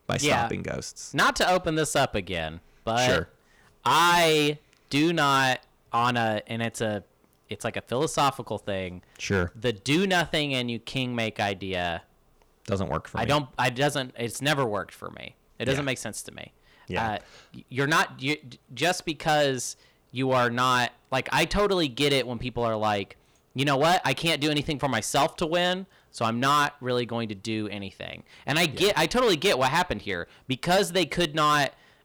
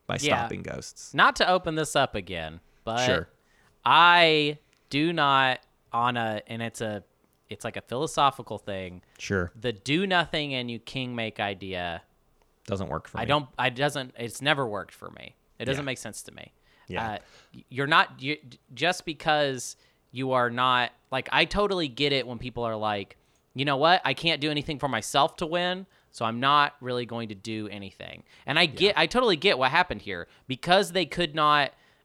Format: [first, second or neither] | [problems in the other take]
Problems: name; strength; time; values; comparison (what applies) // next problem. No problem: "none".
second | distortion; heavy; 6% of the sound clipped